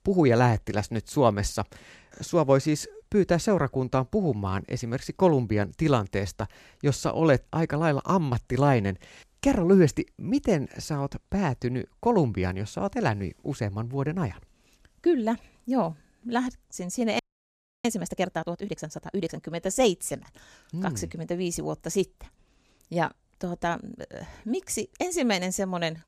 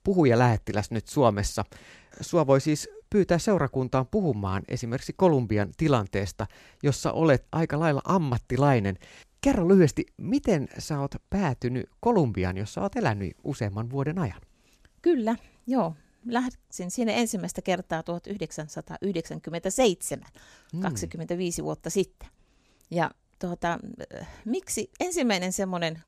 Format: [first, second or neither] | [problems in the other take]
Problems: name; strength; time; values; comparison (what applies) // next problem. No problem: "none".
second | audio freezing; at 17 s for 0.5 s